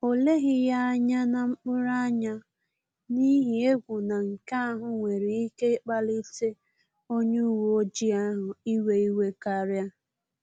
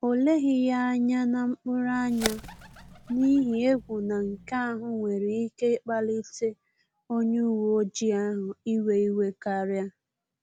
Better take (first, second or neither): first